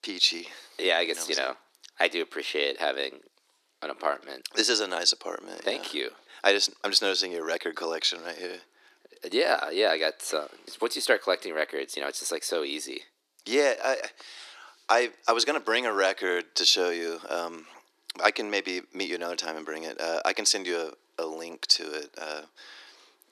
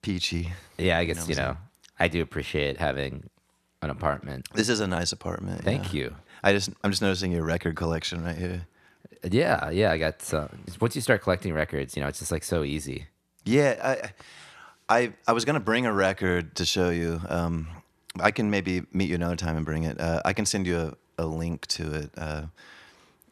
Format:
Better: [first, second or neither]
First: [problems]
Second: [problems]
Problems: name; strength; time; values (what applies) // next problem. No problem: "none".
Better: second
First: thin; very; fading below 300 Hz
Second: none